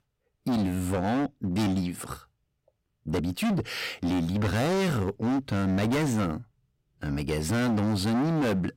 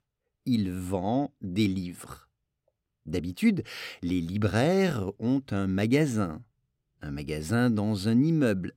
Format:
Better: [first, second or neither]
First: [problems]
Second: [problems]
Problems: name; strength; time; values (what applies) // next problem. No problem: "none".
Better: second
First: distortion; heavy; 25% of the sound clipped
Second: none